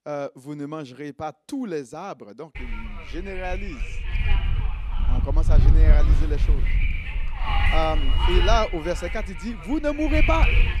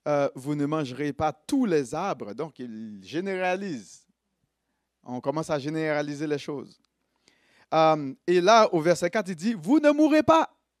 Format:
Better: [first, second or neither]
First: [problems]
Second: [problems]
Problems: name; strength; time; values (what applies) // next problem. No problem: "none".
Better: second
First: wind noise on the microphone; heavy; from 2.5 s on; 2 dB below the speech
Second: none